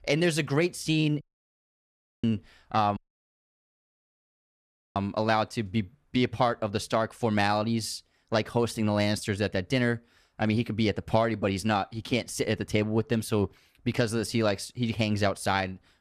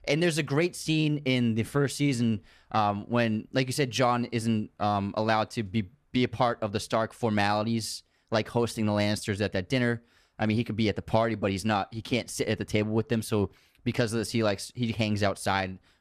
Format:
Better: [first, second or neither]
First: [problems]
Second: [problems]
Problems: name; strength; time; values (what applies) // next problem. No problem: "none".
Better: second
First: audio cutting out; at 1 s for 1 s and at 3 s for 2 s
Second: none